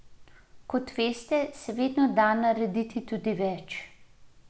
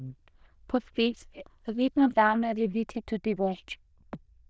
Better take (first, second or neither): first